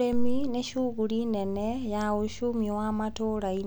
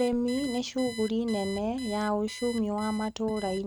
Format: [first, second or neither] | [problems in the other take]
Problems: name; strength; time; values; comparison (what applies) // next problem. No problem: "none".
first | noise reduction (neural mask model RNNoise)